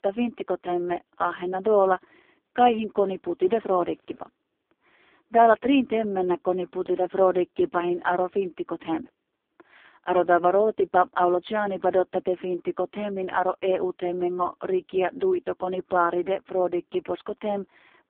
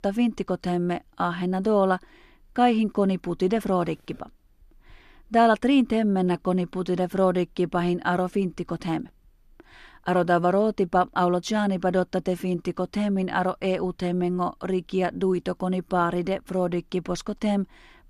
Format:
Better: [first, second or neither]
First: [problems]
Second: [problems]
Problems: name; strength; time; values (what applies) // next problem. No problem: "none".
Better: second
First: phone-call audio; poor line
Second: none